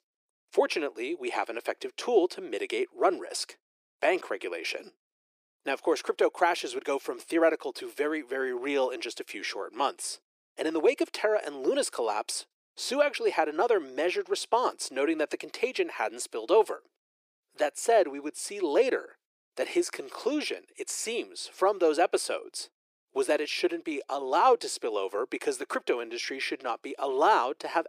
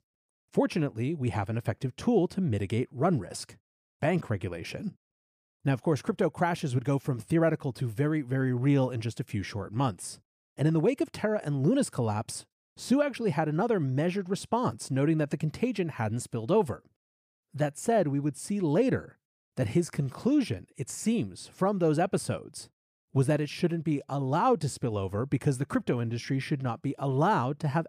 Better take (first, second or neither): second